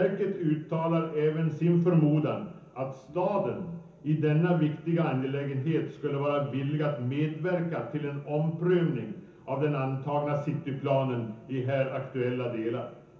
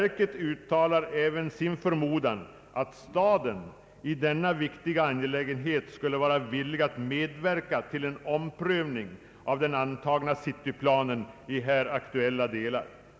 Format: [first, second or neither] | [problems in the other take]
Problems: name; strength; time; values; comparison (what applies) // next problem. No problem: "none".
second | room echo; dies away in 0.7 s